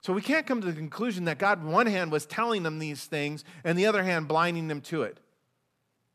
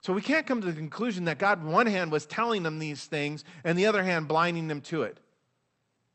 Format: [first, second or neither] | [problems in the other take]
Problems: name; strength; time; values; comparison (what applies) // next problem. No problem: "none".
first | garbled, watery; slightly; nothing above 8 kHz